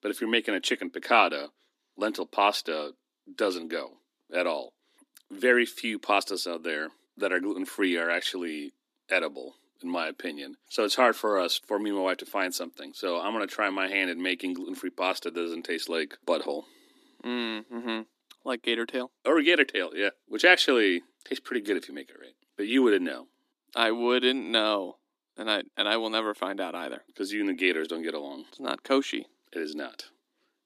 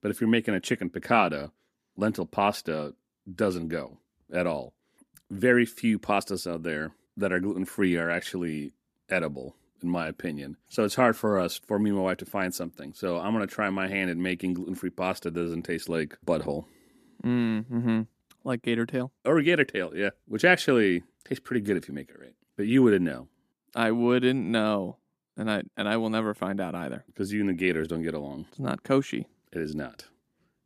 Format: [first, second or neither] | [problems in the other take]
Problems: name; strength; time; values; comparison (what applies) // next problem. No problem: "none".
second | thin; very slightly; fading below 300 Hz